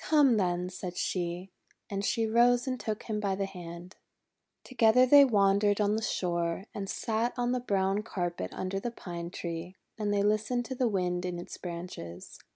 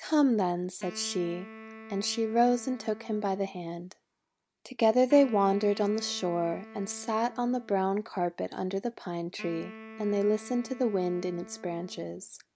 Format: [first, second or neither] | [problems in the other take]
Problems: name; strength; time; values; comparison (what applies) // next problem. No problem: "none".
first | background sound (Wind instrument, woodwind instrument); 18 dB below the speech